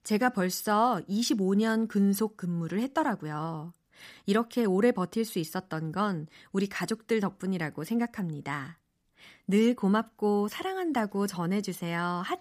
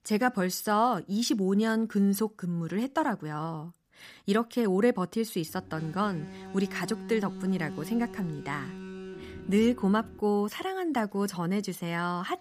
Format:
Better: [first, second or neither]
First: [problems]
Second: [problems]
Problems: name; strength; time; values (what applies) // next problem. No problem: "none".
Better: first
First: none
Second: alarm; faint; from 5.5 to 10 s; peak 10 dB below the speech